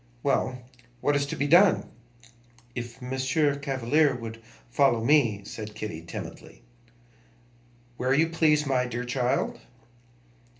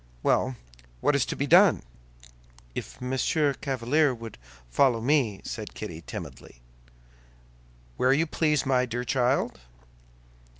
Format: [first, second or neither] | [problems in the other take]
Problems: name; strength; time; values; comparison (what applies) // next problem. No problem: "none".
second | room echo; dies away in 0.3 s